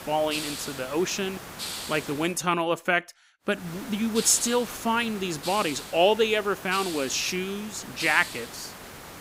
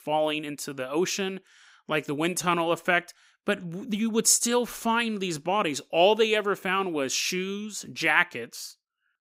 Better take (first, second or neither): second